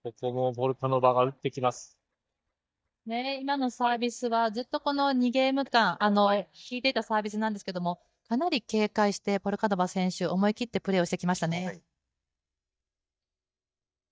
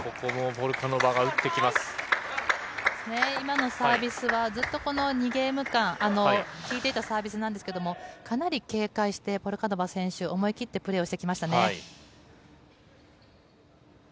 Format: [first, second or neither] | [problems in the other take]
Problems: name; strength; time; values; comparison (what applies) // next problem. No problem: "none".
second | noise reduction (neural mask model DeepFilterNet 3)